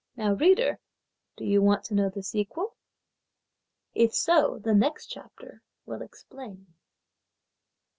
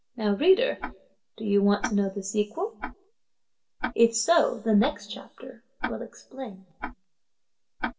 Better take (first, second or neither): first